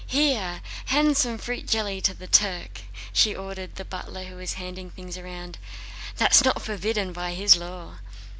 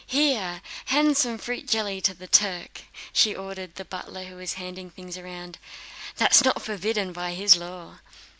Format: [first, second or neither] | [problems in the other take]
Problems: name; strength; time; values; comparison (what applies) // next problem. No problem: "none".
second | background sound (Mechanical fan); 9 dB below the speech